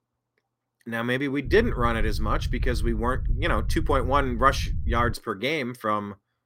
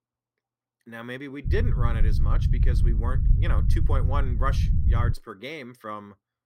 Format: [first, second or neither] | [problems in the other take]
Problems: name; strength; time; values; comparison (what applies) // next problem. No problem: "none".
first | low rumble; loud; from 1.5 to 5 s; 6 dB below the speech; faint in the first